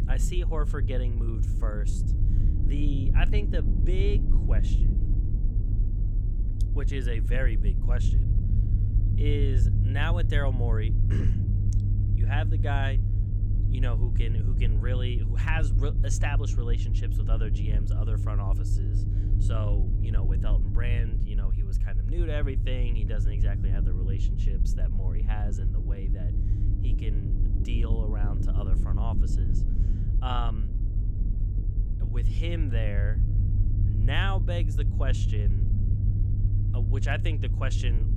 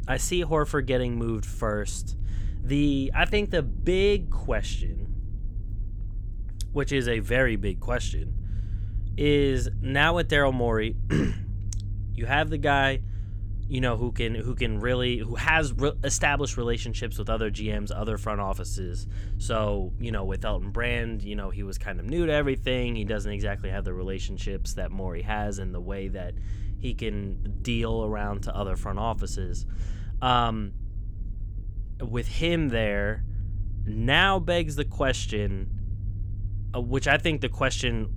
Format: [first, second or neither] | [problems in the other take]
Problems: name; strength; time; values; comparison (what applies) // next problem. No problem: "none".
second | low rumble; loud; throughout; 6 dB below the speech; faint in the second